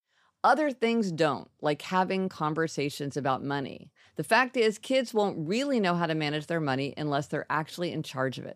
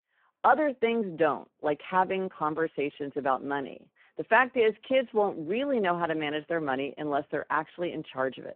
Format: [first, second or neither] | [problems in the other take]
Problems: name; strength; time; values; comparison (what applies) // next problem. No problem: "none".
first | phone-call audio; poor line